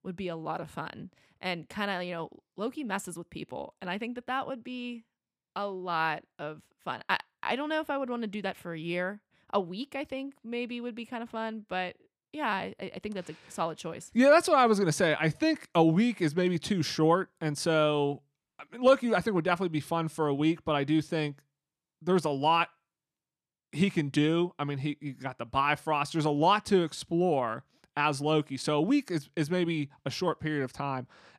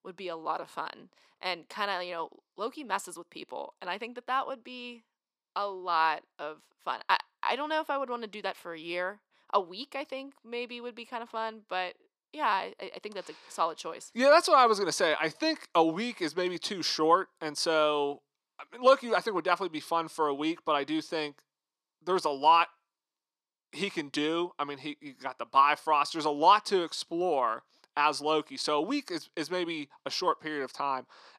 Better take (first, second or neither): first